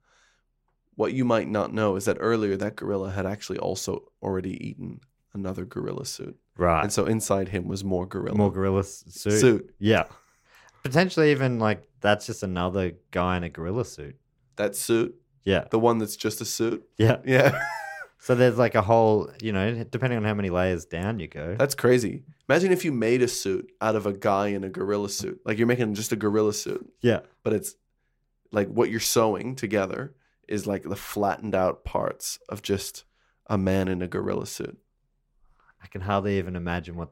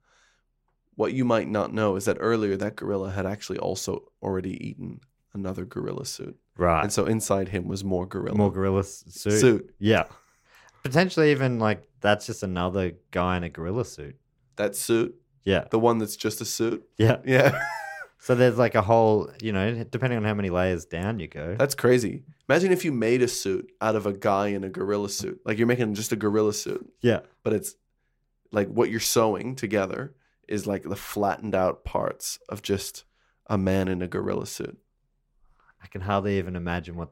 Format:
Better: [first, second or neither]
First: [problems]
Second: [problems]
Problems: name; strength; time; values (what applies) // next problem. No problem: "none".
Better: neither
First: none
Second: none